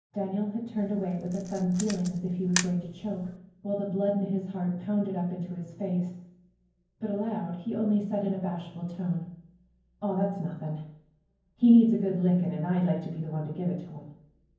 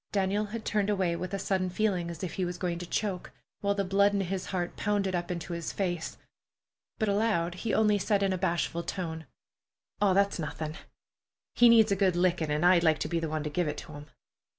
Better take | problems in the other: second | background sound (Camera); 10 dB below the speech // room echo; dies away in 0.9 s

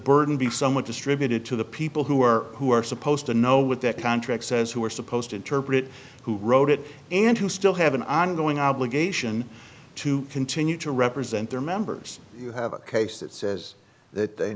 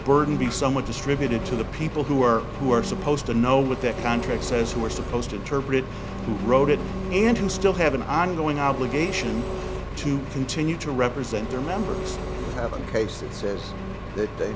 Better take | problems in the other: first | background sound (Engine); 6 dB below the speech

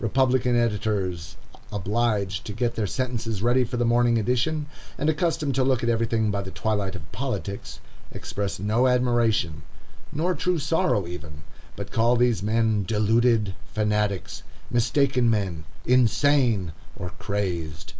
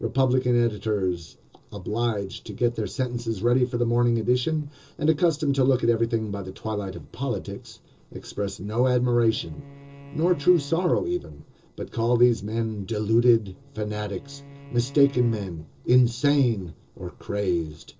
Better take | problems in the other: first | noise reduction (neural separator model SepFormer DNS4)

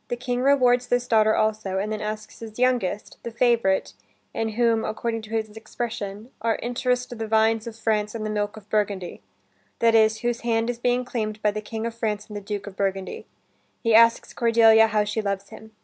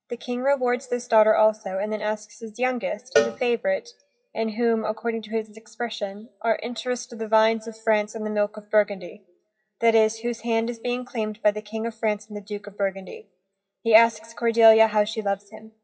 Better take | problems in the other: first | noise reduction (classical method WPE with log-MMSE)

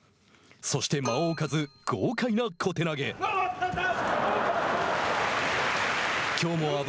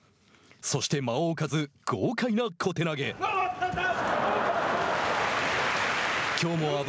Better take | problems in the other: second | background sound (Keyboard (musical)); 18 dB below the speech

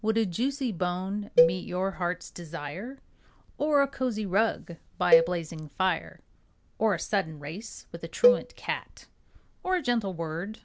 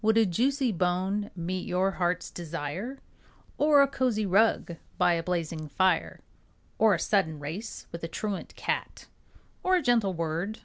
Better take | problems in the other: second | background sound (Cowbell); 1 dB above the speech

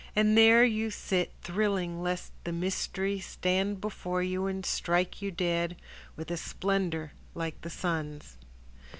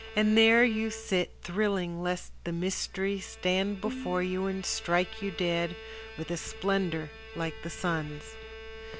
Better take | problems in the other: first | background sound (Bowed string instrument + Bowed string instrument); 15 dB below the speech

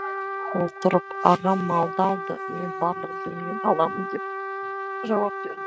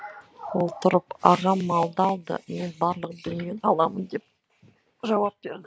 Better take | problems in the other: second | noise reduction (neural mask model RNNoise)

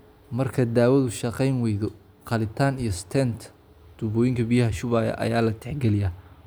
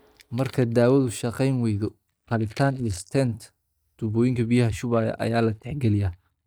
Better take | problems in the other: first | noise reduction (neural mask model DeepFilterNet 3)

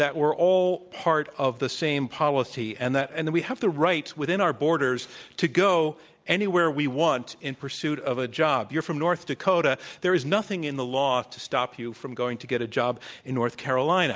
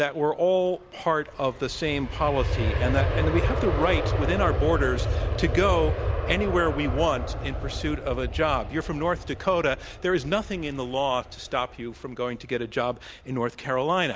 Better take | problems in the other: first | background sound (Aircraft); 3 dB below the speech

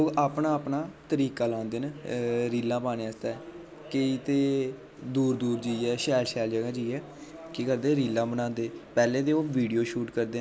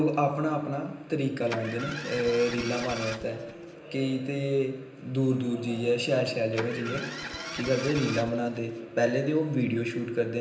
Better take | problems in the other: first | background sound (Engine starting); 10 dB below the speech // room echo; dies away in 0.9 s

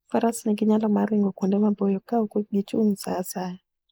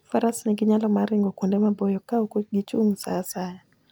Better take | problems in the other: second | noise reduction (neural mask model Resemble Enhance denoiser)

